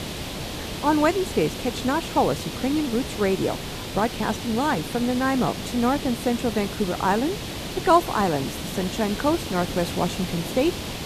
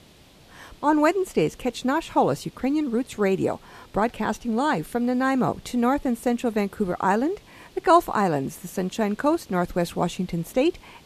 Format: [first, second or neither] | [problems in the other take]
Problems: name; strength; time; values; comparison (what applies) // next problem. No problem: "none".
second | hiss; loud; throughout; 7 dB below the speech; faint in the second